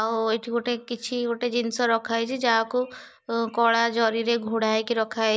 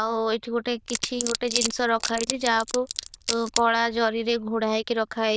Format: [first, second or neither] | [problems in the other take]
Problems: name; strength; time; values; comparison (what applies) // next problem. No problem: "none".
first | noise reduction (neural diffusion model UNIVERSE++)